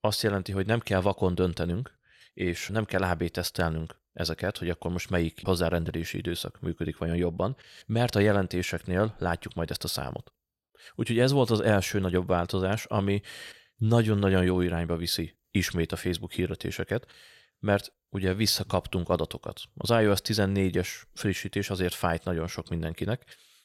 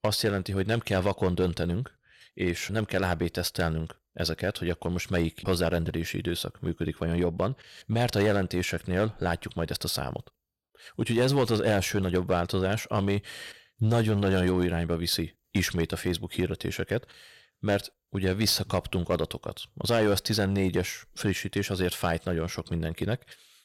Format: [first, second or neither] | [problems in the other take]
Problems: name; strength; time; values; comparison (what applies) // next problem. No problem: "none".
first | distortion; slight; 4% of the sound clipped